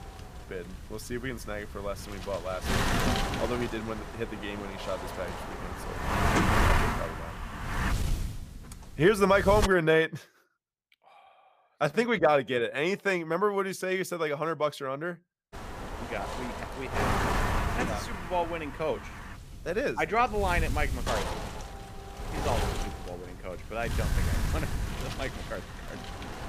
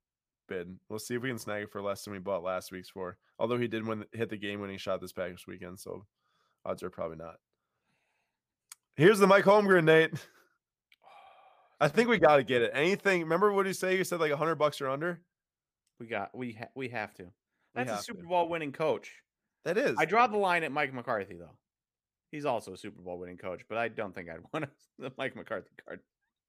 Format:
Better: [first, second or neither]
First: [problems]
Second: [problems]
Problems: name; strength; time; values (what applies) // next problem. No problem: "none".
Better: second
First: wind noise on the microphone; heavy; until 9.5 s and from 16 s on; 4 dB below the speech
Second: none